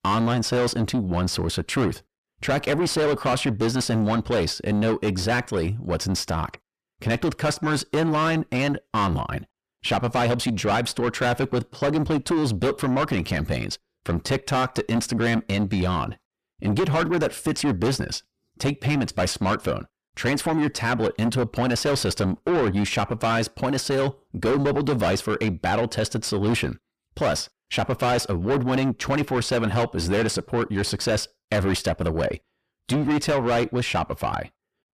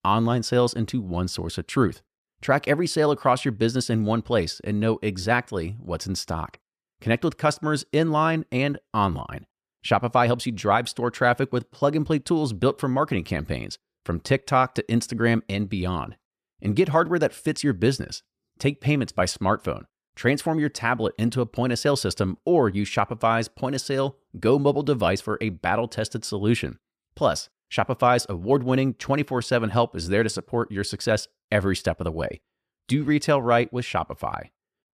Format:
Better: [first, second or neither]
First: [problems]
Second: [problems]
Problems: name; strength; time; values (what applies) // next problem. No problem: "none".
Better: second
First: distortion; heavy; 5 dB below the speech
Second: none